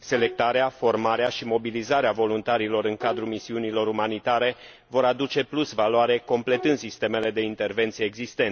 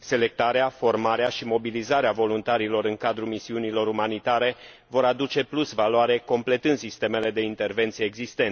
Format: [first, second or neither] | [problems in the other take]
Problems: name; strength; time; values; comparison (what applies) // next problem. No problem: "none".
second | background sound (Bowed string instrument); 16 dB below the speech